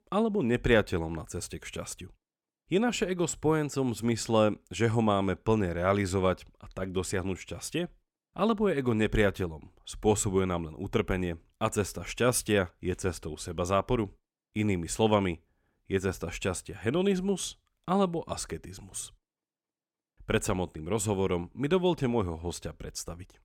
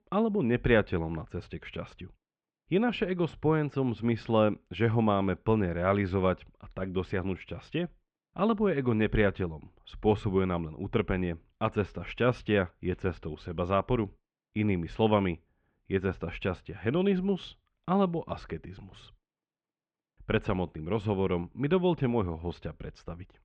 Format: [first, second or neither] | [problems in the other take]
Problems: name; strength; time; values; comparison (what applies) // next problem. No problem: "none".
first | muffled; very; fading above 3.5 kHz